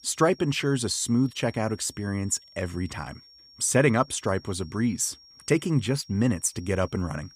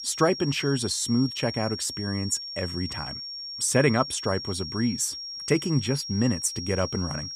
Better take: first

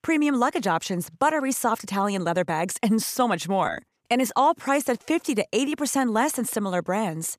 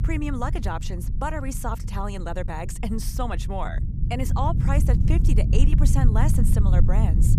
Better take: first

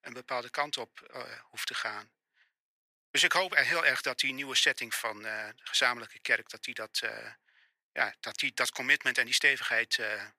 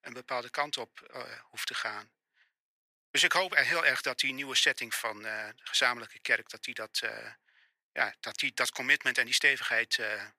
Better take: neither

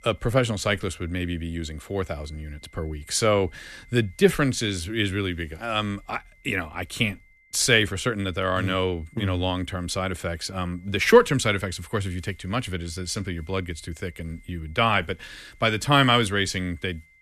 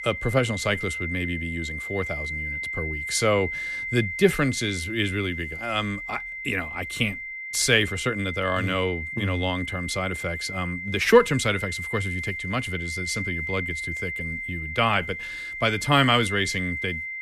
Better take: first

